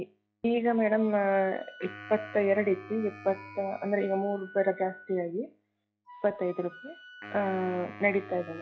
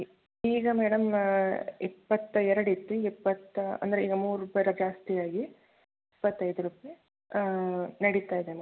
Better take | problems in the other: second | noise reduction (classical method log-MMSE)

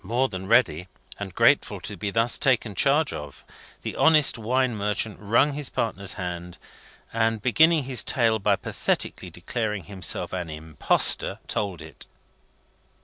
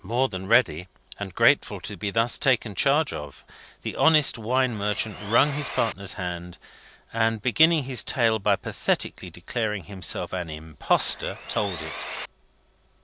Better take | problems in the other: first | background sound (Sawing); 10 dB below the speech

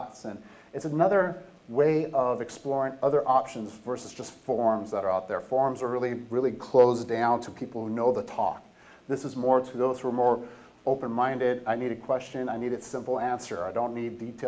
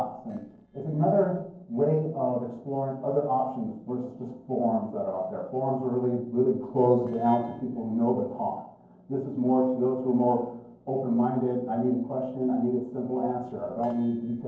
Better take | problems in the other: first | noise reduction (neural separator model SepFormer DNS4)

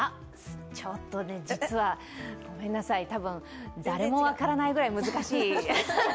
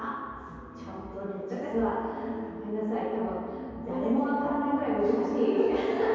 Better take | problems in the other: first | room echo; dies away in 2.2 s

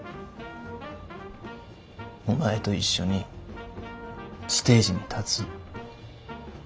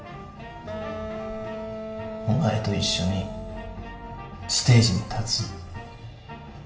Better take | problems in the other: first | background sound (Wind instrument, woodwind instrument); 9 dB below the speech // room echo; dies away in 0.7 s

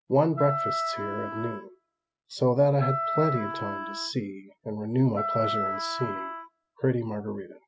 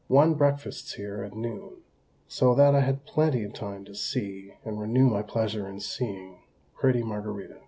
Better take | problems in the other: second | noise reduction (classical method spectral subtraction)

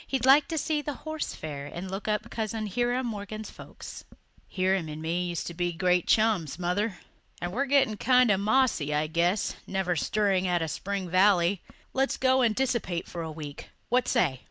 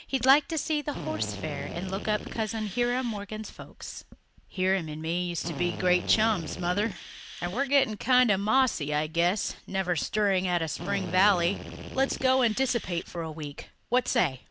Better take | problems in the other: first | background sound (Drill); 11 dB below the speech

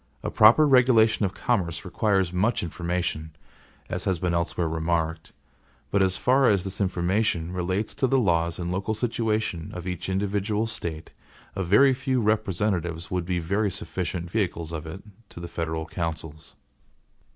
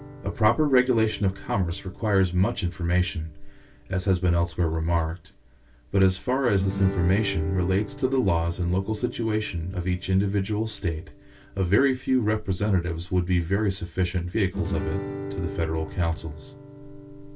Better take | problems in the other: first | background sound (Guitar); 14 dB below the speech // room echo; dies away in 0.1 s

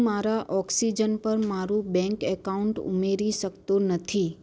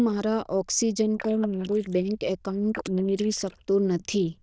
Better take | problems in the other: first | noise reduction (neural diffusion model UNIVERSE++)

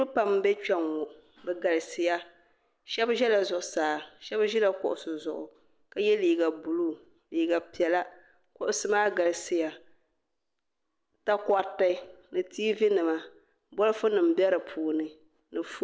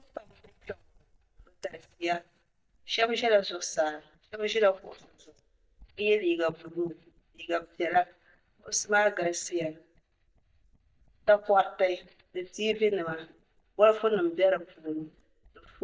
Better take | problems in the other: first | noise reduction (neural mask model DeepFilterNet 3)

